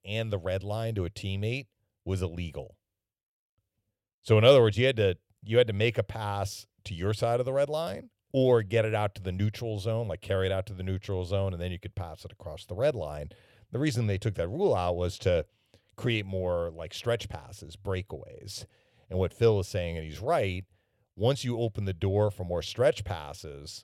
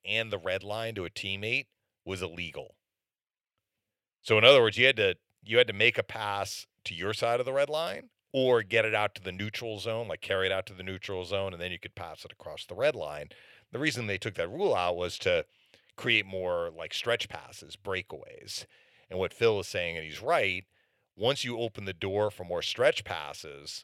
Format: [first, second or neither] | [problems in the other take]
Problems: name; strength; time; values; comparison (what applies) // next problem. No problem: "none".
first | thin; somewhat; fading below 700 Hz